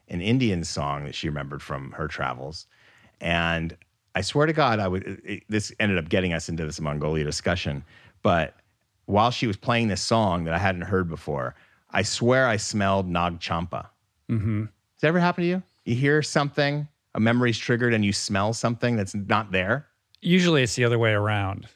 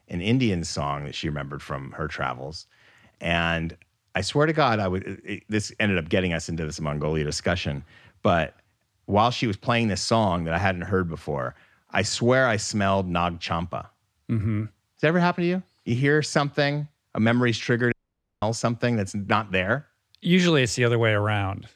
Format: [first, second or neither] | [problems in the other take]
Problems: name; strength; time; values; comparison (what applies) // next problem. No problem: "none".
first | audio cutting out; at 18 s for 0.5 s